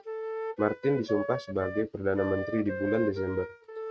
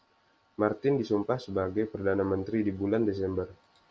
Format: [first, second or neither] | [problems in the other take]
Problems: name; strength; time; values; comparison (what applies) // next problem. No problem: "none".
second | noise reduction (neural mask model RNNoise)